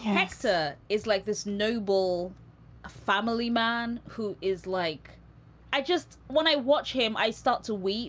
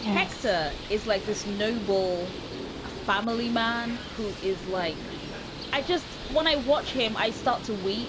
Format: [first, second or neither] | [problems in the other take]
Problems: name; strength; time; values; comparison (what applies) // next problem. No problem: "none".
first | background sound (Bird); 9 dB below the speech